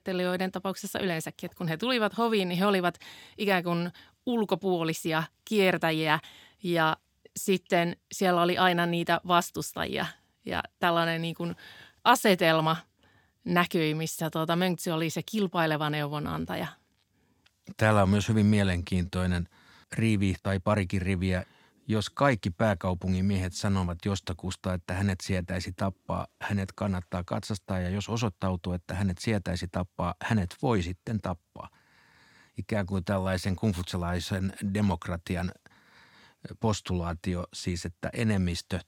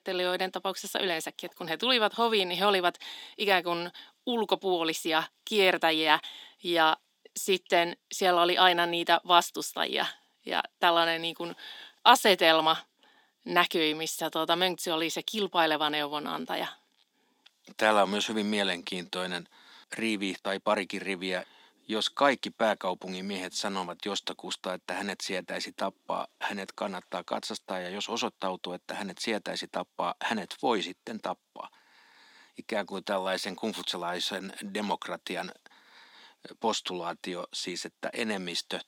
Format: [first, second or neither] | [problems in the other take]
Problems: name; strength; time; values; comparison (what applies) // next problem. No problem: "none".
first | thin; somewhat; fading below 250 Hz